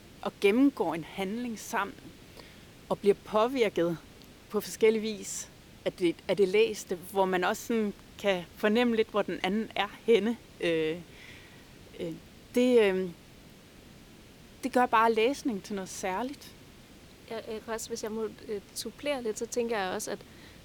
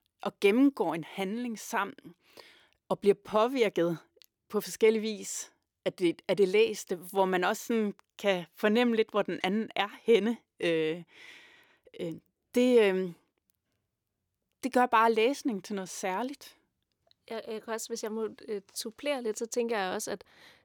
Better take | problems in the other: second | hiss; faint; throughout; 25 dB below the speech

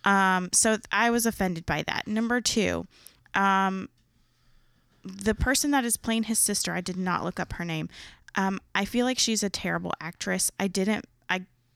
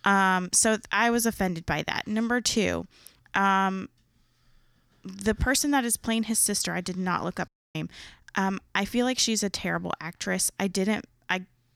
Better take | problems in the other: first | audio cutting out; at 7.5 s

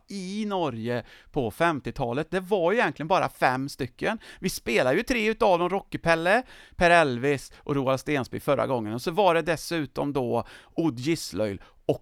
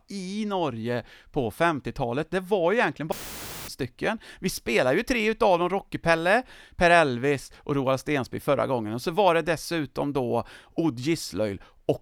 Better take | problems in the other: first | audio cutting out; filled with static; at 3 s for 0.5 s

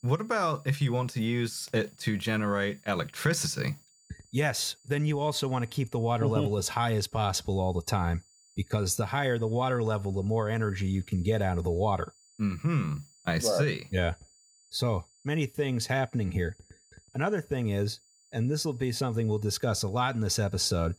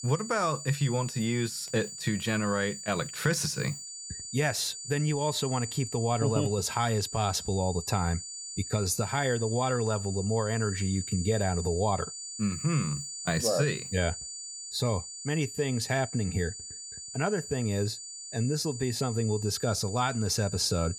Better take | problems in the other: first | high-pitched whine; loud; throughout; 7 kHz, 8 dB below the speech; faint in the first

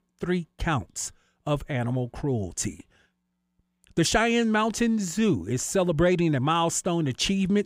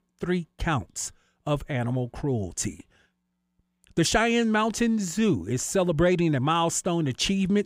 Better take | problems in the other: neither | none

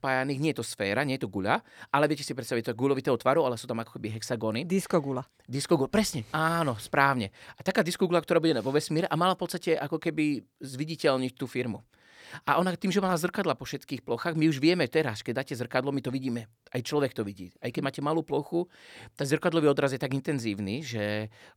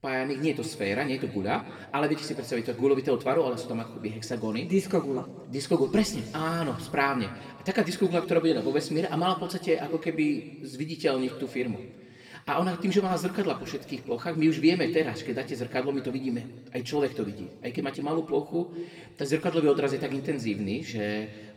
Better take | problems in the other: first | room echo; slight; dies away in 1.4 s // off-mic speech; somewhat distant

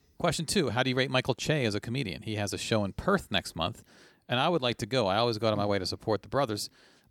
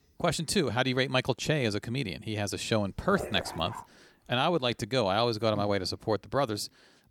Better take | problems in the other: first | dog barking; noticeable; at 3 s; peak 9 dB below the speech

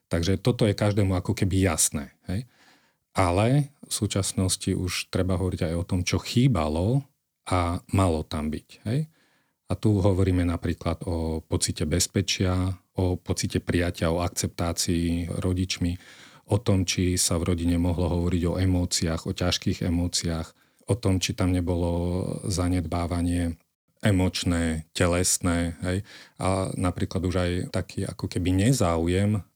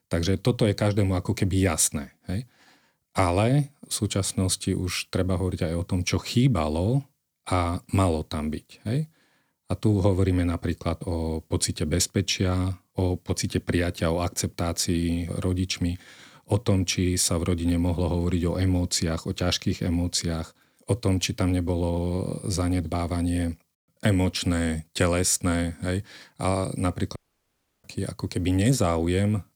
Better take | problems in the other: first | audio cutting out; at 27 s for 0.5 s

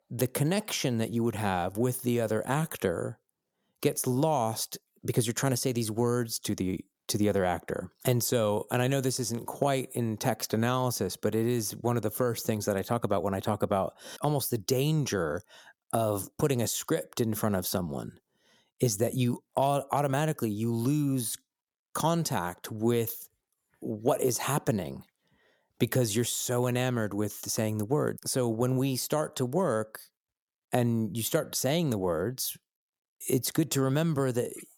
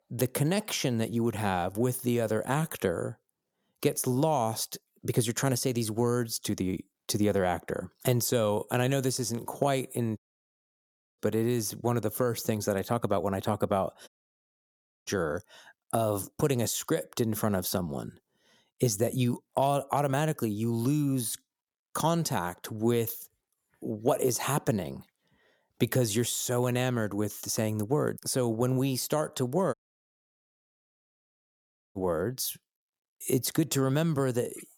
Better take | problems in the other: first | audio cutting out; at 10 s for 1 s, at 14 s for 1 s and at 30 s for 2 s

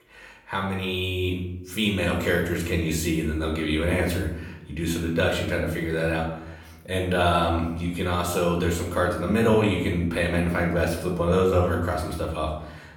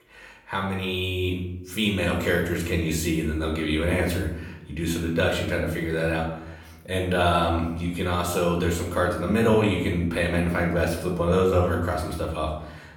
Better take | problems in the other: neither | off-mic speech; somewhat distant; the same in both // room echo; noticeable; dies away in 0.8 s; the same in both

